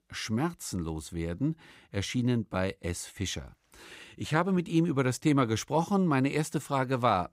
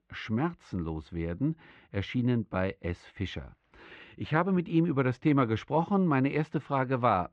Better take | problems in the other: first | muffled; very; fading above 3 kHz

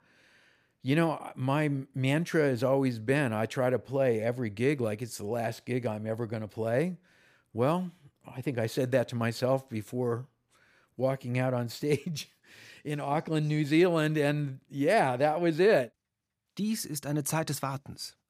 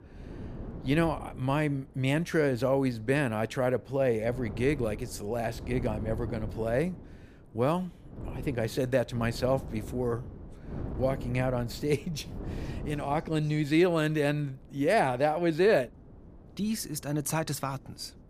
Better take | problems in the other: first | wind noise on the microphone; occasional gusts; 20 dB below the speech

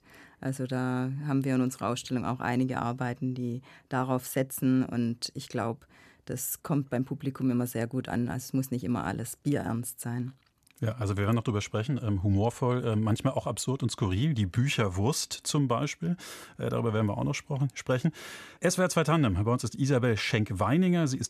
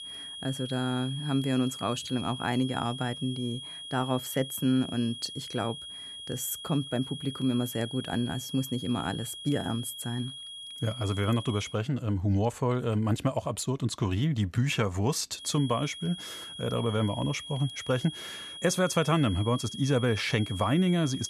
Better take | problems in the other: first | high-pitched whine; loud; until 12 s and from 15 s on; 3.5 kHz, 10 dB below the speech

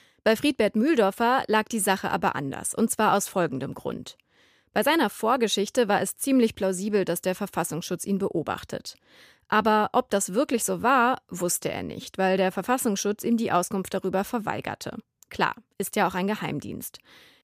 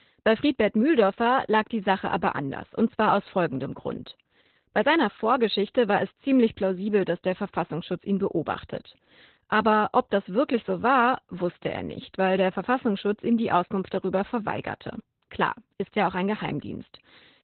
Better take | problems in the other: first | garbled, watery; badly; nothing above 4 kHz

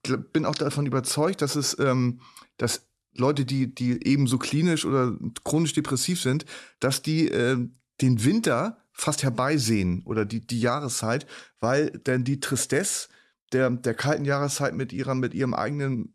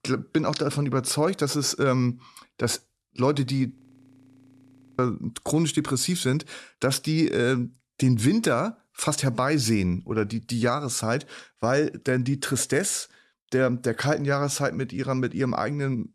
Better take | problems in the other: first | audio freezing; at 4 s for 1 s

